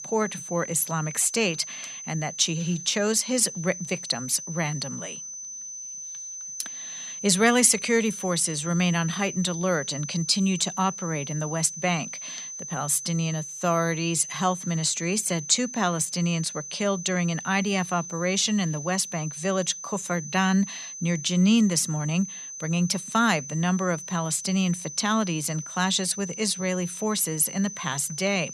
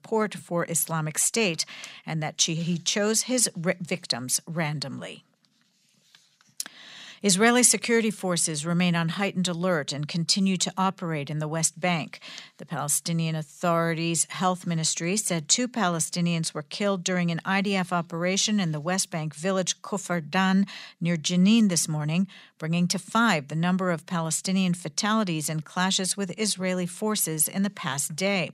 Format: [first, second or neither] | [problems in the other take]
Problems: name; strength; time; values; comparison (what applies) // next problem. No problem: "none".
second | high-pitched whine; loud; throughout; 6 kHz, 10 dB below the speech